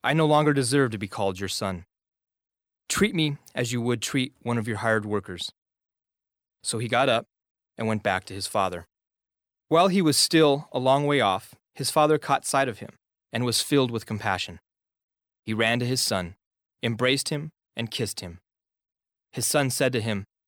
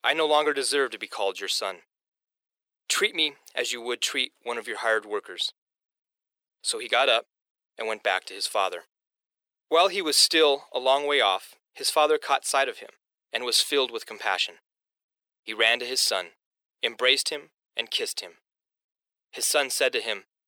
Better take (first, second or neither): first